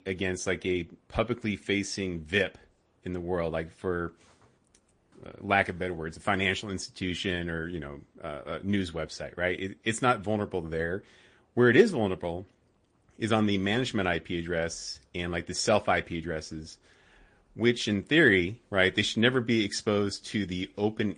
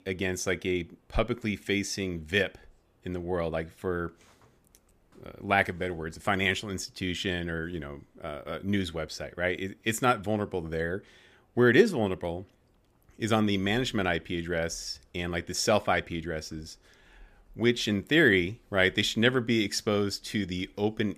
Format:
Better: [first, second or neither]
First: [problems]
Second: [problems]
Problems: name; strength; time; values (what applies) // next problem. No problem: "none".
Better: second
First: garbled, watery; slightly; nothing above 9 kHz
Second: none